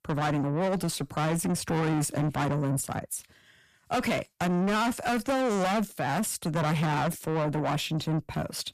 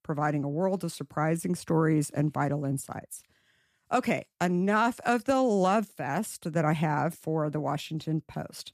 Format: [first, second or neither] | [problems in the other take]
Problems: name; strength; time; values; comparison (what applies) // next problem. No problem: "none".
second | distortion; heavy; 6 dB below the speech